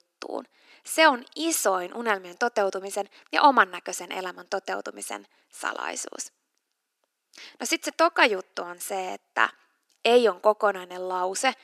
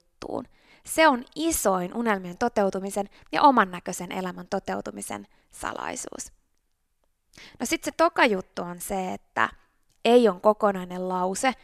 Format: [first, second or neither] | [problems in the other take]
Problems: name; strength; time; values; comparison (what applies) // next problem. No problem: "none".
second | thin; very slightly; fading below 300 Hz